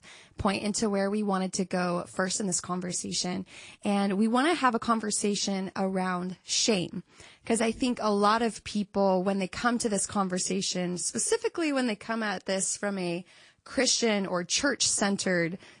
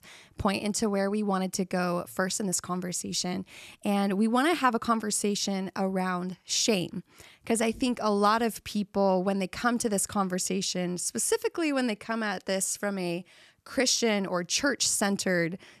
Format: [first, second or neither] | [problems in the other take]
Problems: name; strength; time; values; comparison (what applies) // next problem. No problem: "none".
second | garbled, watery; slightly; nothing above 8 kHz